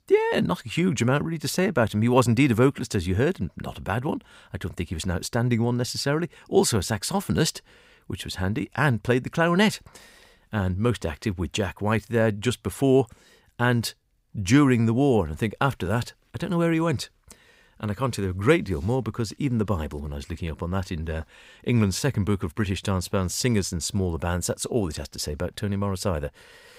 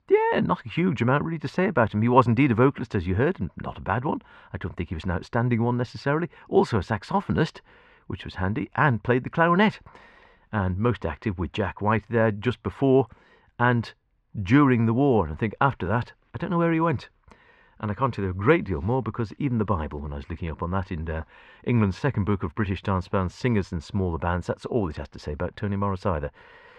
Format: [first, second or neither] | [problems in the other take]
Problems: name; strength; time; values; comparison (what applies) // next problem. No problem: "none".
first | muffled; very; fading above 2 kHz